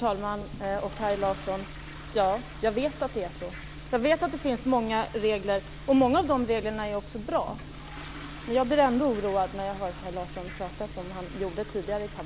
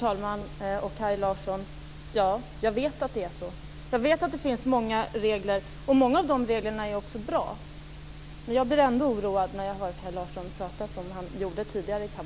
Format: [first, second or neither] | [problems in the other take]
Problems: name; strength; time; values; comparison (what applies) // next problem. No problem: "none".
second | background sound (Toilet flush); 18 dB below the speech